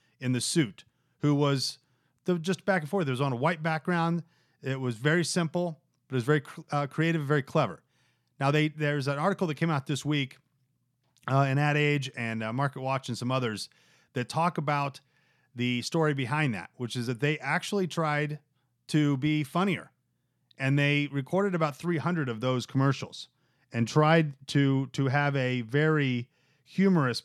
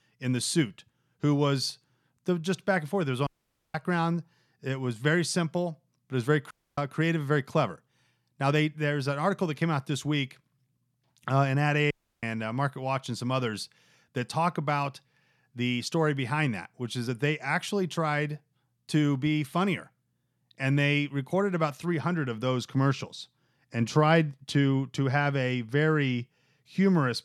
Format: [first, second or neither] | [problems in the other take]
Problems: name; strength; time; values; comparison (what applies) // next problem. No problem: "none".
first | audio cutting out; at 3.5 s, at 6.5 s and at 12 s